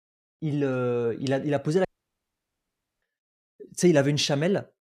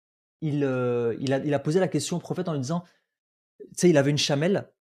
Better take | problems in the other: second | audio cutting out; at 2 s for 1 s

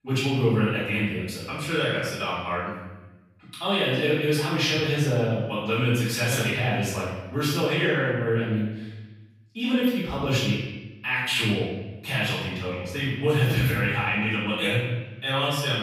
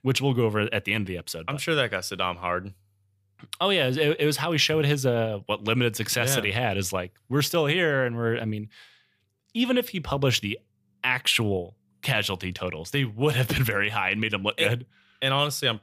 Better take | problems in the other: second | off-mic speech; far // room echo; strong; dies away in 1 s

